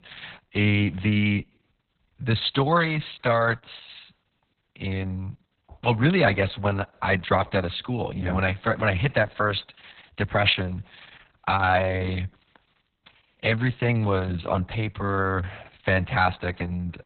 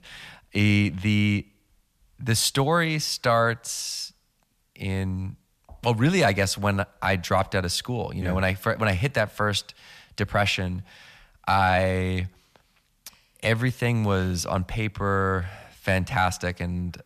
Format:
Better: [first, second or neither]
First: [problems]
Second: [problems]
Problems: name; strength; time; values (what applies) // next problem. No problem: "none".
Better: second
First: garbled, watery; badly; nothing above 4 kHz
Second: none